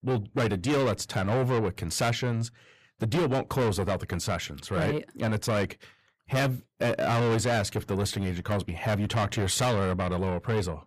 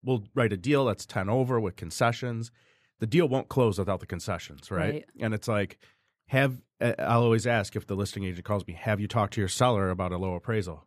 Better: second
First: distortion; heavy; 6 dB below the speech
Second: none

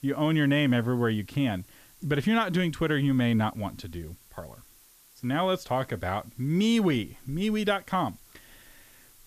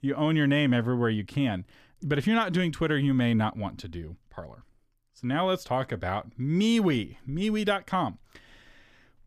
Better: second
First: hiss; faint; throughout; 25 dB below the speech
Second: none

